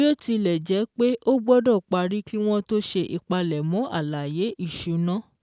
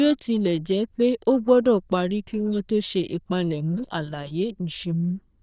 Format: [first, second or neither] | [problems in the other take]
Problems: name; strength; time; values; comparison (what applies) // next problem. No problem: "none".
first | noise reduction (neural diffusion model UNIVERSE++)